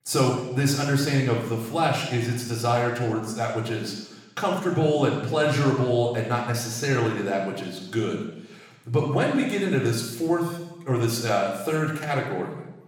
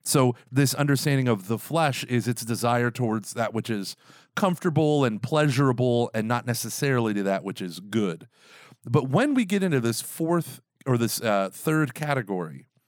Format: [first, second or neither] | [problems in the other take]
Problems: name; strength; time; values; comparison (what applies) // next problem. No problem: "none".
second | room echo; noticeable; dies away in 0.9 s // off-mic speech; somewhat distant